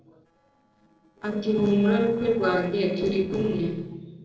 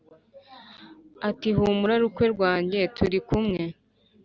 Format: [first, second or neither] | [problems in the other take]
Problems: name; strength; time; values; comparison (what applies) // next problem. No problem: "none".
second | noise reduction (neural separator model SepFormer DNS4)